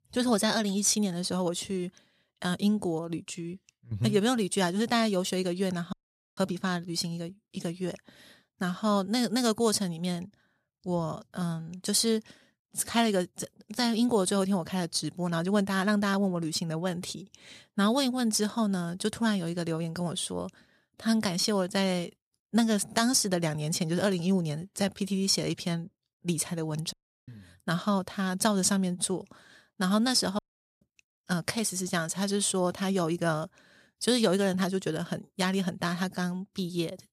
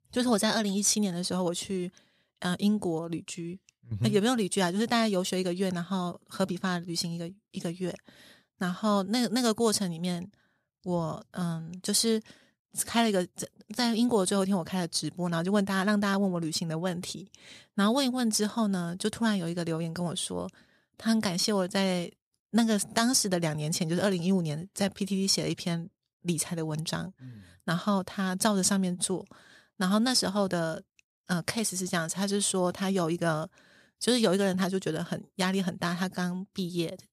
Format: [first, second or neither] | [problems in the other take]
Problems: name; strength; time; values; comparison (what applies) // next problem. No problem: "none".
second | audio cutting out; at 6 s, at 27 s and at 30 s